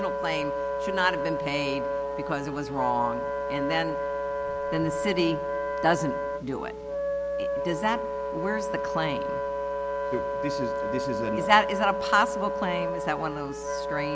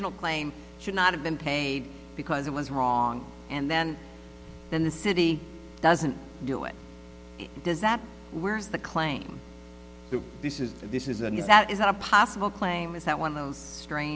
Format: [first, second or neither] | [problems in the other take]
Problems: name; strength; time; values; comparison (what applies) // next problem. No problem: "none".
second | background sound (Wind instrument, woodwind instrument); as loud as the speech